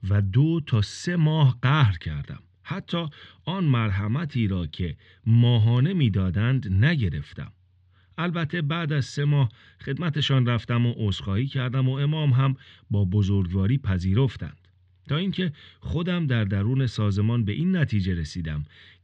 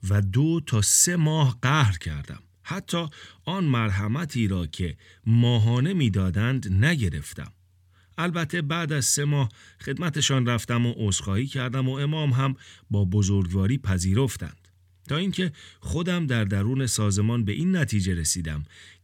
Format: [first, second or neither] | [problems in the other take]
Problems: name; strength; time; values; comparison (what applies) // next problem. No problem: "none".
second | muffled; very; fading above 4 kHz